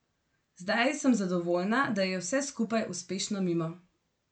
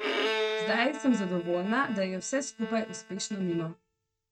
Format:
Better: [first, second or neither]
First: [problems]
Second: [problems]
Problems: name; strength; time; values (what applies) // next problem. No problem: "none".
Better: first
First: none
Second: noise reduction (neural mask model RNNoise)